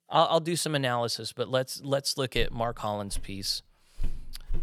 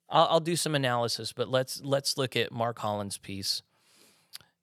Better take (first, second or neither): second